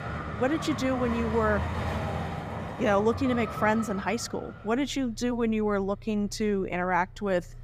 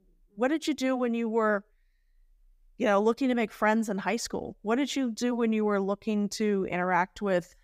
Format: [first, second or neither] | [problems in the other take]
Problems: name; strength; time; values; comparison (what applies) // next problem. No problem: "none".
second | traffic noise; loud; throughout; 6 dB below the speech